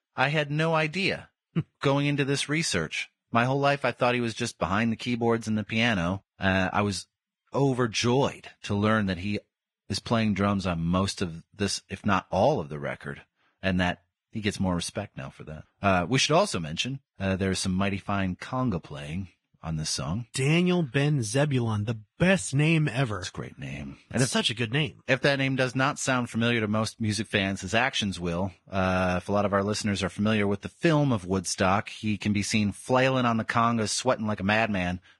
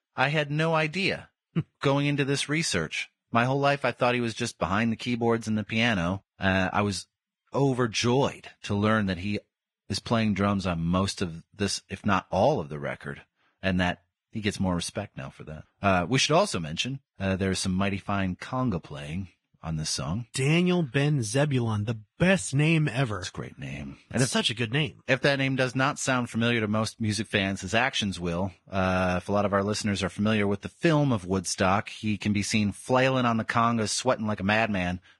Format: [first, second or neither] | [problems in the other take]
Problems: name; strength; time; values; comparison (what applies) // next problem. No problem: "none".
neither | garbled, watery; badly; nothing above 10.5 kHz; the same in both